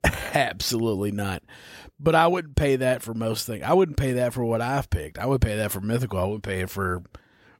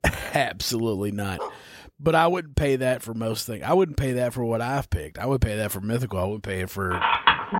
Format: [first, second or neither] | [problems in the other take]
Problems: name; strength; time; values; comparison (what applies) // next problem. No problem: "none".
first | dog barking; faint; at 1.5 s; peak 10 dB below the speech // phone ringing; loud; at 7 s; peak 6 dB above the speech